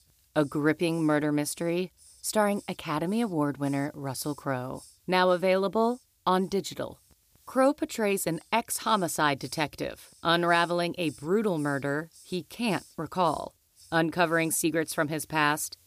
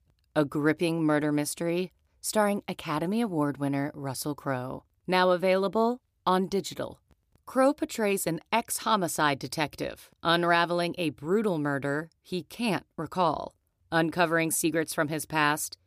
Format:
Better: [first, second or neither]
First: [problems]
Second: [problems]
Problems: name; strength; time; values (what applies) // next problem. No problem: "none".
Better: second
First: hiss; faint; throughout; 25 dB below the speech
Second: none